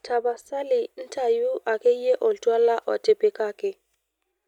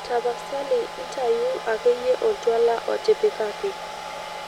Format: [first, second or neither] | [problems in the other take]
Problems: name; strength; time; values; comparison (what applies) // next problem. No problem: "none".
first | background sound (Domestic sounds, home sounds); 10 dB below the speech